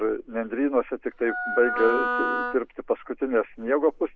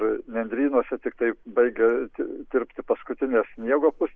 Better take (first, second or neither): second